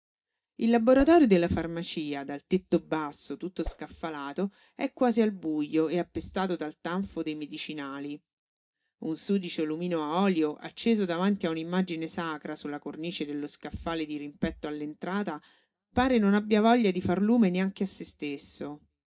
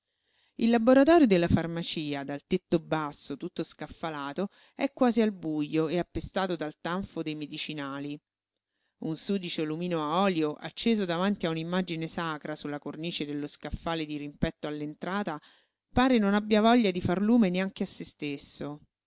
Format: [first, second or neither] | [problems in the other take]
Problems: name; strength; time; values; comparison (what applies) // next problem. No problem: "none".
second | noise reduction (neural mask model DeepFilterNet 3)